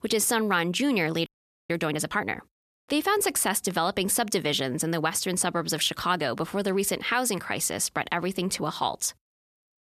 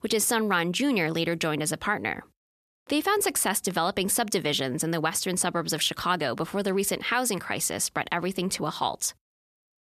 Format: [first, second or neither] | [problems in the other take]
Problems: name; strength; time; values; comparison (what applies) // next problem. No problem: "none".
second | audio freezing; at 1.5 s